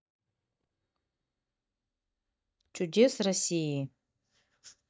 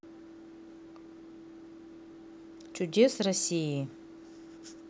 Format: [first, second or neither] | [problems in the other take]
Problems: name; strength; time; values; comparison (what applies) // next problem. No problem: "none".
second | noise reduction (neural mask model DeepFilterNet 3)